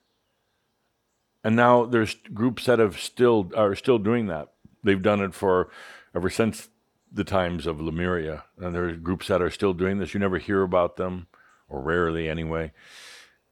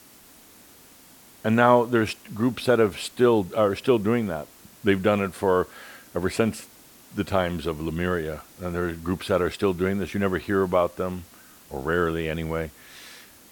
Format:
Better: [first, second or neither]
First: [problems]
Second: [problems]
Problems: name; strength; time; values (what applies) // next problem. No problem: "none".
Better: first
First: none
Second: hiss; faint; throughout; 25 dB below the speech